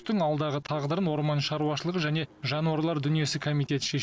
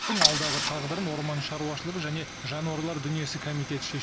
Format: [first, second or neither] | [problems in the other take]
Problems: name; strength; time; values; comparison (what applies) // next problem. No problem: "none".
first | background sound (Idling / Engine starting / Car); as loud as the speech